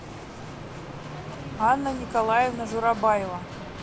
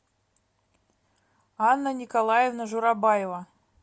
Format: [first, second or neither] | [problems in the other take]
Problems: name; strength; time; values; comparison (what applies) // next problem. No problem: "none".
second | background sound (Bicycle); 10 dB below the speech